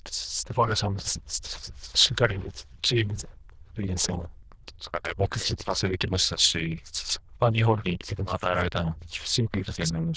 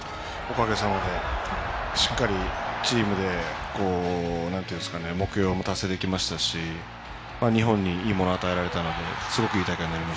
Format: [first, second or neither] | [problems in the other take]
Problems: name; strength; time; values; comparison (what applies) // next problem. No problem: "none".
second | noise reduction (neural diffusion model UNIVERSE++)